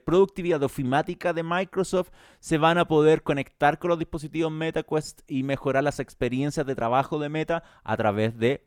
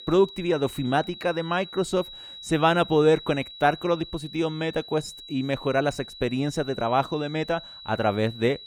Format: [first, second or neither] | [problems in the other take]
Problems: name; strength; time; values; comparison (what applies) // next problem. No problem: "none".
first | high-pitched whine; noticeable; throughout; 4 kHz, 15 dB below the speech